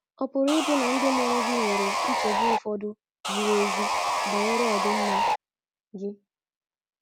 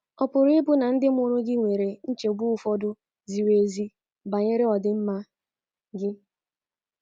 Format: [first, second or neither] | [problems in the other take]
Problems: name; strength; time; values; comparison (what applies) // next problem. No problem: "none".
second | background sound (Sawing); 3 dB above the speech